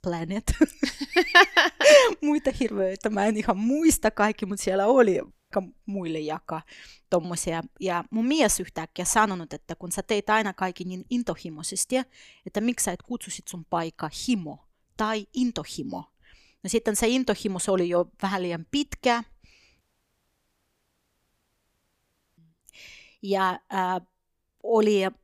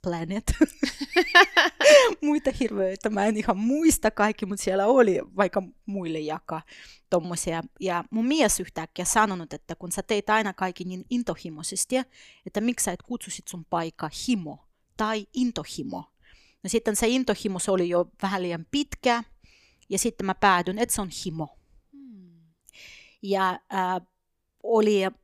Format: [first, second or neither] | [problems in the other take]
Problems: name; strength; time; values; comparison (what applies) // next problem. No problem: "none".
second | audio cutting out; at 5.5 s and at 20 s for 2.5 s